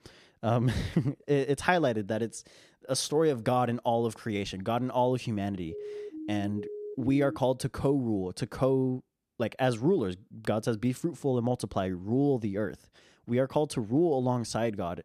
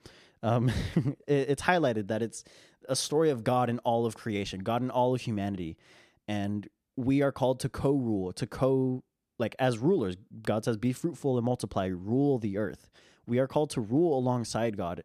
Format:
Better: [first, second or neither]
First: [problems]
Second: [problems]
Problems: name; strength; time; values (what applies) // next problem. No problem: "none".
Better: second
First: siren; faint; from 5.5 to 7.5 s; peak 10 dB below the speech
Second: none